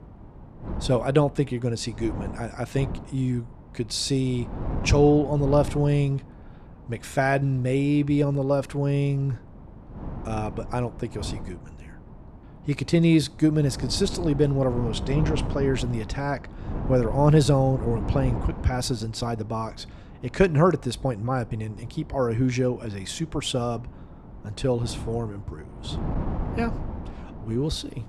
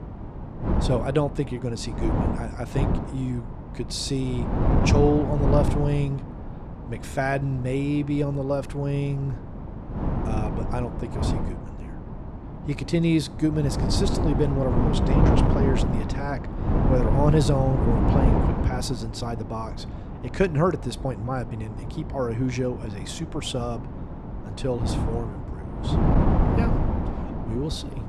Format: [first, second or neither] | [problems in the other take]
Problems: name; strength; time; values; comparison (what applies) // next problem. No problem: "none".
first | wind noise on the microphone; heavy; 3 dB below the speech; occasional gusts in the first